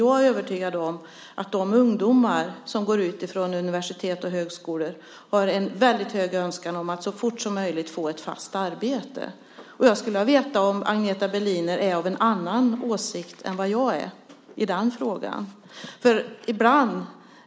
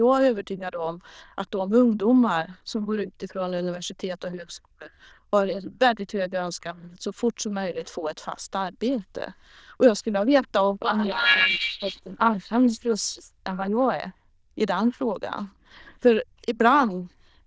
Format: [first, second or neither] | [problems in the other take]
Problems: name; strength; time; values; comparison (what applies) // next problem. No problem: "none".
first | noise reduction (neural diffusion model UNIVERSE++)